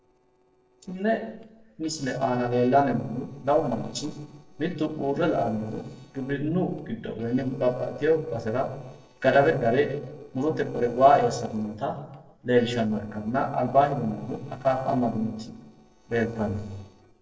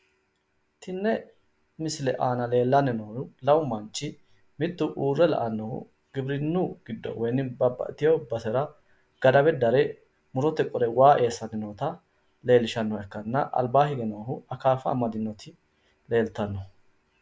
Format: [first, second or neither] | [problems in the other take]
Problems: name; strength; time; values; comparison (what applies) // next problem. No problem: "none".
second | noise reduction (neural separator model SepFormer DNS4)